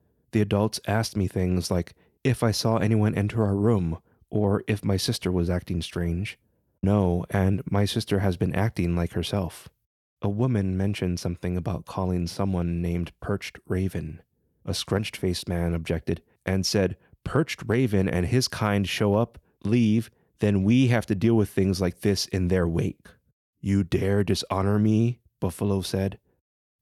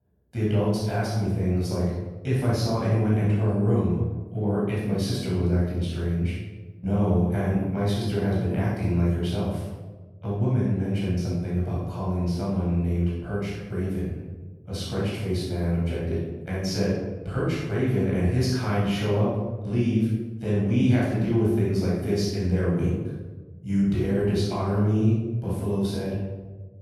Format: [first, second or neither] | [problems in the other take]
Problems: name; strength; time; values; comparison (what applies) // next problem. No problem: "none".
first | off-mic speech; far // room echo; strong; dies away in 1.2 s